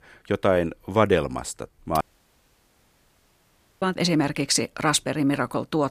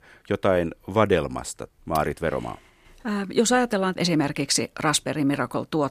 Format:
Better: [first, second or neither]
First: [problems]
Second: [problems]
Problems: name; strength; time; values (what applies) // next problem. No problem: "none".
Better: second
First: audio cutting out; at 2 s for 2 s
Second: none